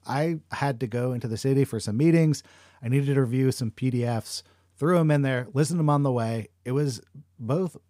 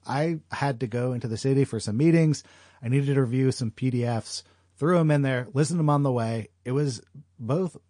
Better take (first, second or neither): first